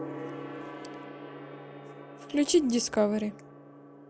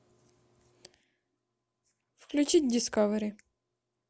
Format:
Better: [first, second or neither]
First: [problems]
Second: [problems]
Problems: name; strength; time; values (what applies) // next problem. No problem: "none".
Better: second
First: background sound (Gong); 12 dB below the speech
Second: none